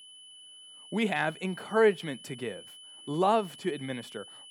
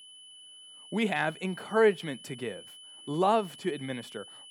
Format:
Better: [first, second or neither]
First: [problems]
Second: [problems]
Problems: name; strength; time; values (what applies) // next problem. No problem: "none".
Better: neither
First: high-pitched whine; noticeable; throughout; 3 kHz, 15 dB below the speech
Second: high-pitched whine; noticeable; throughout; 3 kHz, 15 dB below the speech